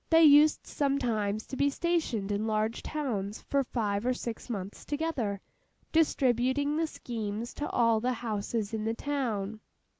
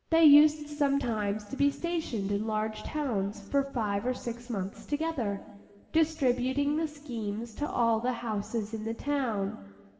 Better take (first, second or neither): first